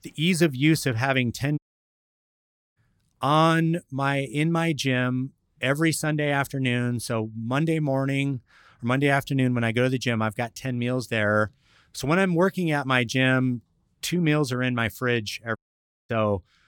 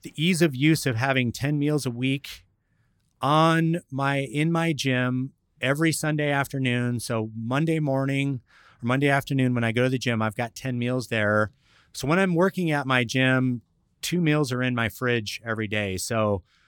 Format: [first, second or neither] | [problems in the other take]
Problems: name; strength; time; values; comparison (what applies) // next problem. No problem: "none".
second | audio cutting out; at 1.5 s for 1 s and at 16 s for 0.5 s